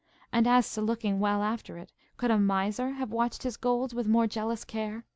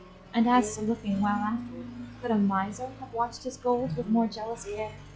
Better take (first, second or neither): first